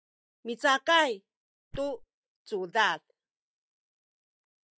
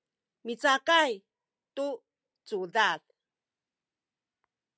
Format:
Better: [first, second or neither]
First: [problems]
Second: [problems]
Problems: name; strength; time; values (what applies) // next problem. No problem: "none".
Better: second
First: noise reduction (neural mask model DeepFilterNet 3)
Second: none